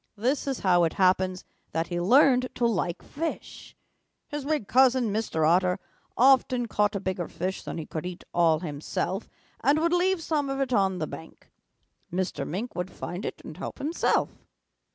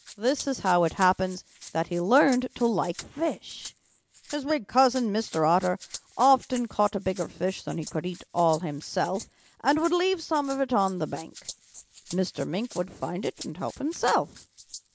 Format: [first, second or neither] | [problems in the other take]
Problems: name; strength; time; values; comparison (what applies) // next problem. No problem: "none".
first | noise reduction (neural mask model Resemble Enhance denoiser)